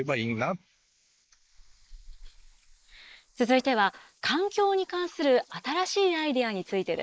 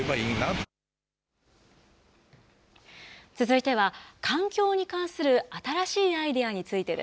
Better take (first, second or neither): second